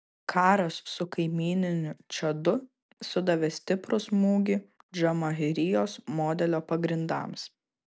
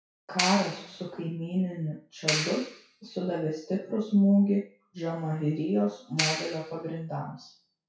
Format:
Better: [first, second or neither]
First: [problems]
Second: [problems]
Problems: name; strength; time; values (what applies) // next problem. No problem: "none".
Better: first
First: none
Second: noise reduction (classical method WPE with log-MMSE)